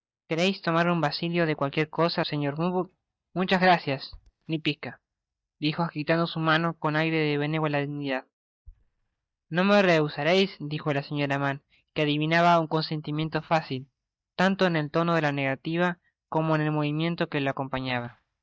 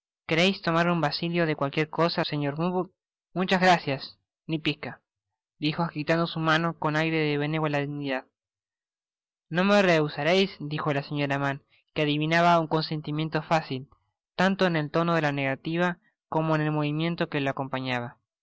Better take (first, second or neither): second